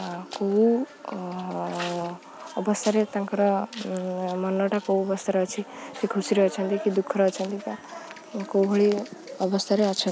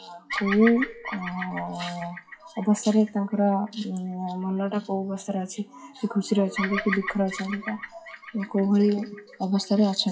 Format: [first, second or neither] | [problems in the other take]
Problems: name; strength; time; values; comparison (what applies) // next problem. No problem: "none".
first | noise reduction (classical method WPE with log-MMSE)